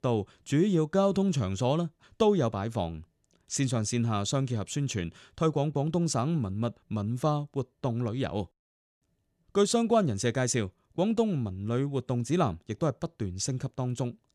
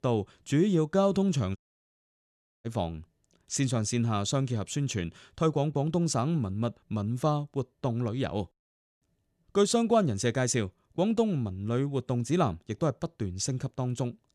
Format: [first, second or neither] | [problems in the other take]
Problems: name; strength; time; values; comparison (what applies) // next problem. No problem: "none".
first | audio cutting out; at 1.5 s for 1 s